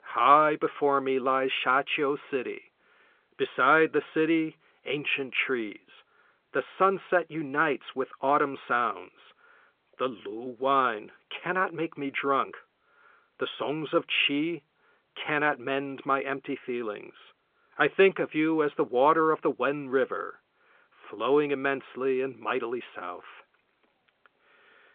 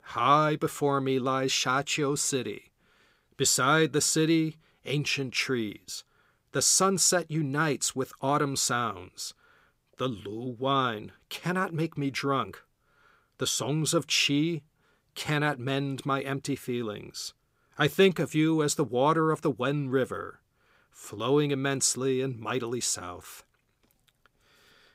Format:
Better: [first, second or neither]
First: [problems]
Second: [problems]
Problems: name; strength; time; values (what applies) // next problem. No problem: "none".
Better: second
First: phone-call audio; nothing above 3.5 kHz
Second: none